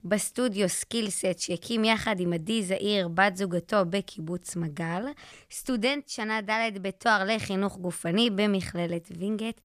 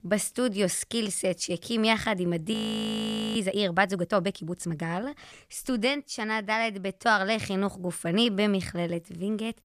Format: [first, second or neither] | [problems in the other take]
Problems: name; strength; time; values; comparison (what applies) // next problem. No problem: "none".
first | audio freezing; at 2.5 s for 1 s